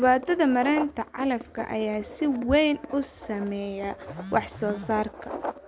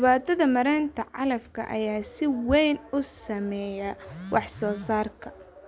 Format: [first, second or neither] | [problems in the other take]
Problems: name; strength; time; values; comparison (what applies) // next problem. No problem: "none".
second | background sound (Writing); 14 dB below the speech